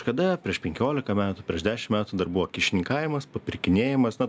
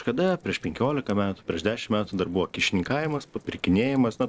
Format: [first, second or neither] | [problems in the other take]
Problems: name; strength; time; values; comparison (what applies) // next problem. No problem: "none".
first | noise reduction (neural separator model SepFormer DNS4)